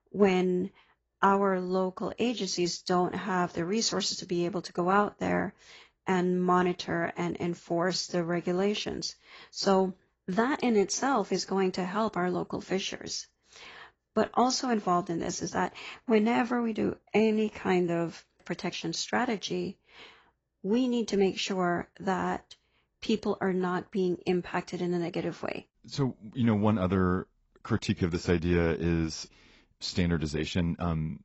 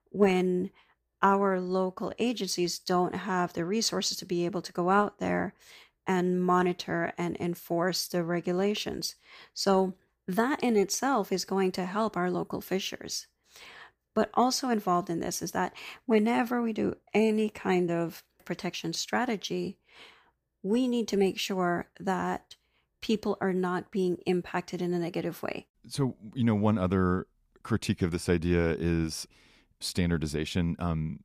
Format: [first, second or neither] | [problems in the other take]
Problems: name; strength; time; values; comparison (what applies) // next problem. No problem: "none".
second | garbled, watery; badly; nothing above 7 kHz